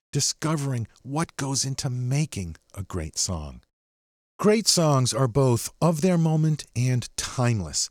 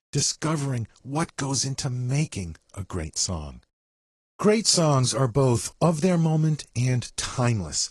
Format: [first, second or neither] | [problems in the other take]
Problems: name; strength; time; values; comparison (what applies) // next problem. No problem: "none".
first | garbled, watery; slightly